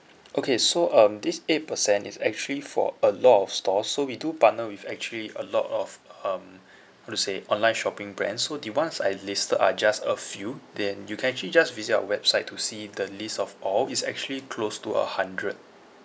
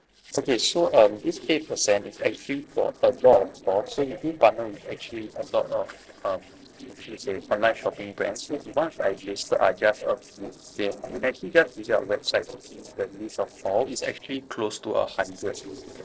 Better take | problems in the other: first | noise reduction (neural separator model SepFormer DNS4)

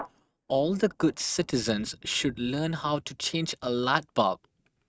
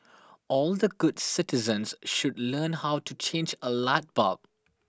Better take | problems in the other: second | noise reduction (neural mask model RNNoise)

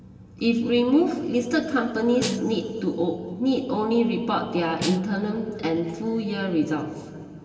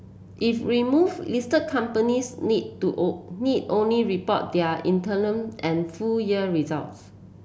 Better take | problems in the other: second | background sound (Snare drum); 11 dB below the speech // room echo; dies away in 2.3 s

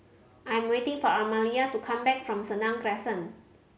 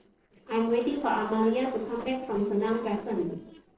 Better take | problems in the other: first | noise reduction (neural separator model SepFormer DNS4)

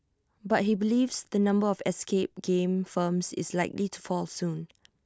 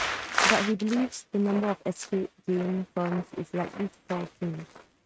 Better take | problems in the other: first | noise reduction (neural mask model RNNoise)

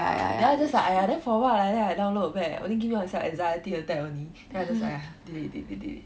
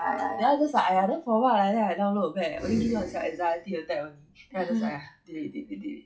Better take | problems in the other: first | noise reduction (classical method log-MMSE)

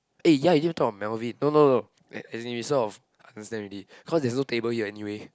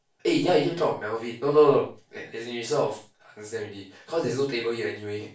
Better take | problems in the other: first | room echo; dies away in 0.3 s

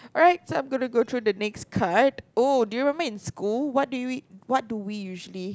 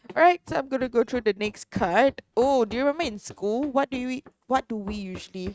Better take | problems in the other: first | noise reduction (neural mask model RNNoise)

